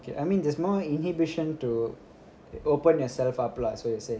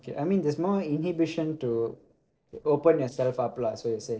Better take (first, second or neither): first